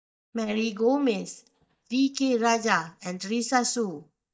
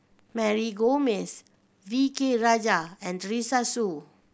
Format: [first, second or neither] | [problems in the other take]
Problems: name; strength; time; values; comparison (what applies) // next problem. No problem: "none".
second | noise reduction (neural mask model DeepFilterNet 3)